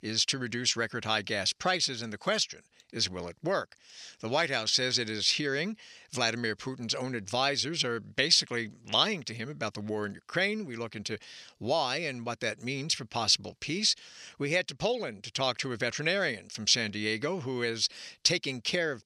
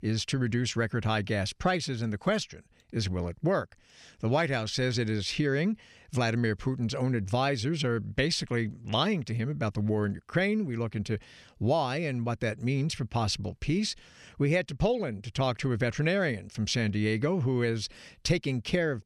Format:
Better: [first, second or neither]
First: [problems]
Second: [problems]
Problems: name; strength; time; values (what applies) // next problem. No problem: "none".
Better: second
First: thin; somewhat; fading below 900 Hz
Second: none